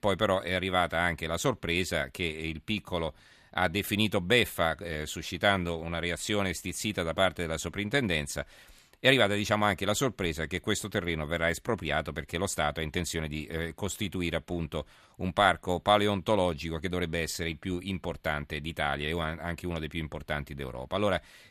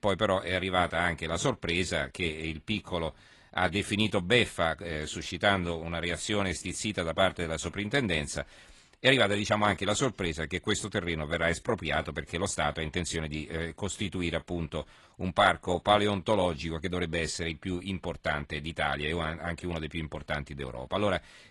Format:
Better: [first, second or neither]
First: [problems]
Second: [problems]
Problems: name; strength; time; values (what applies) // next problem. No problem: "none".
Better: first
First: none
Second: garbled, watery; slightly